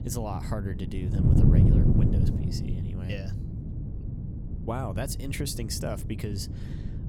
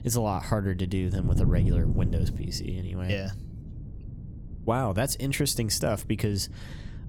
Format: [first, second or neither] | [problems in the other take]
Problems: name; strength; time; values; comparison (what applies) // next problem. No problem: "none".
second | wind noise on the microphone; heavy; 1 dB below the speech; occasional gusts in the second